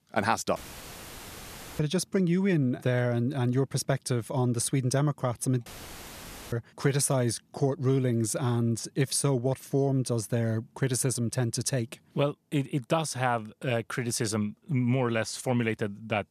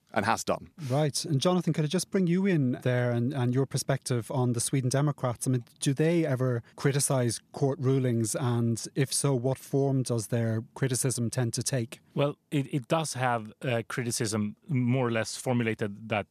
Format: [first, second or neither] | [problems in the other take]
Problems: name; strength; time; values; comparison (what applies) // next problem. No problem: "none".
second | audio cutting out; filled with static; at 0.5 s for 1 s and at 5.5 s for 1 s